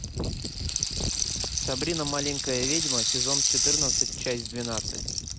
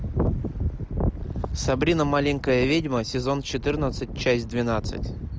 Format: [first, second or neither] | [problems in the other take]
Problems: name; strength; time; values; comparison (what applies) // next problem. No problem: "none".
second | background sound (Rattle (instrument)); 4 dB above the speech